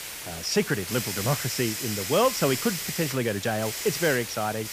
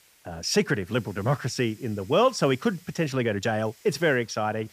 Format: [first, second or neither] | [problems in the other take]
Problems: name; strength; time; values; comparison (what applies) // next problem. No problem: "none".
second | hiss; loud; throughout; 4 dB below the speech; faint in the second